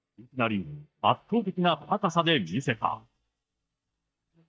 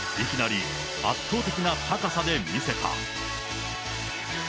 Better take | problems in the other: second | noise reduction (neural mask model DeepFilterNet 3)

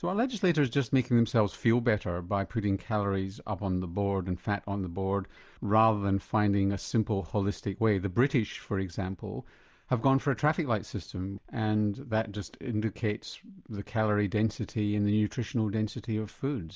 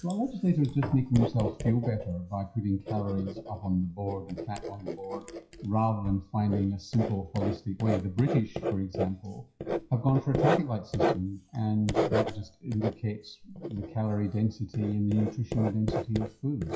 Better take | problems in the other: first | noise reduction (classical method WPE with log-MMSE)

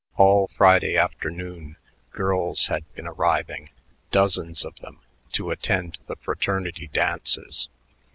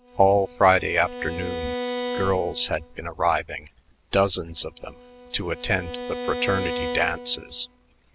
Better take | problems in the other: first | background sound (Bowed string instrument); 8 dB below the speech

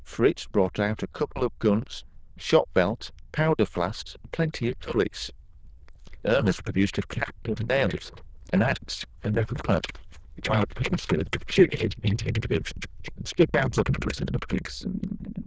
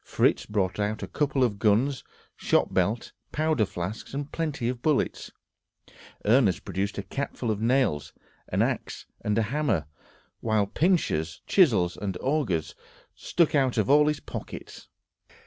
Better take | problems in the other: second | noise reduction (neural diffusion model UNIVERSE++)

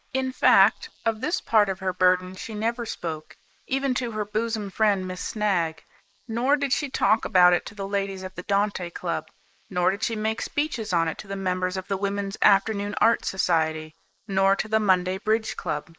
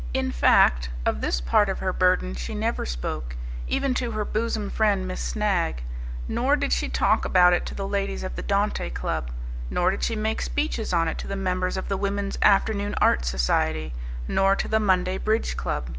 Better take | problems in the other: second | noise reduction (neural mask model Resemble Enhance denoiser)

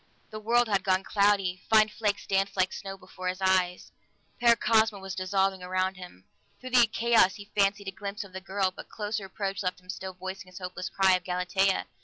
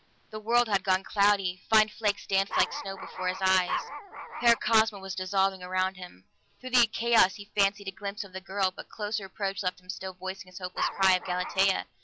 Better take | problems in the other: first | background sound (Dog); 7 dB below the speech

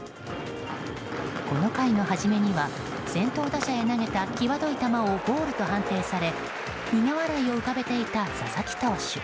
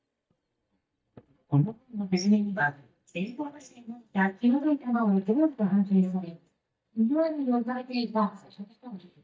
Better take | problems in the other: first | noise reduction (neural mask model DeepFilterNet 3)

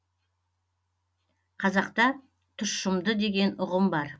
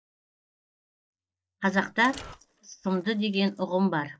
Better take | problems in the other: first | noise reduction (neural mask model DeepFilterNet 3)

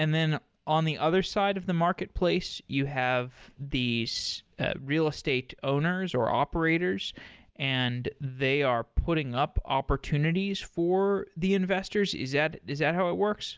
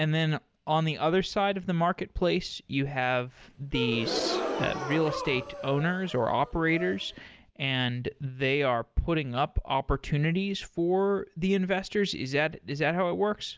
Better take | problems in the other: first | background sound (Gasp); 7 dB below the speech

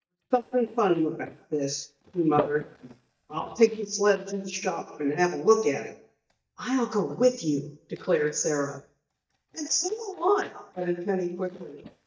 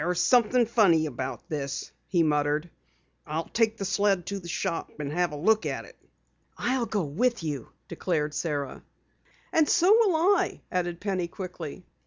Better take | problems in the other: second | noise reduction (neural mask model DeepFilterNet 3)

